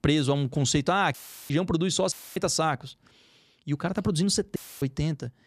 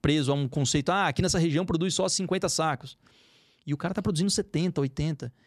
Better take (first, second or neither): second